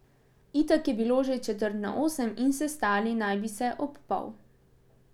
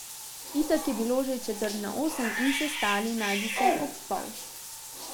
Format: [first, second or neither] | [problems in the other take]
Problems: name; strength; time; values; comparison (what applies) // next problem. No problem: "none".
first | background sound (Bathtub (filling or washing) / Cat); 4 dB below the speech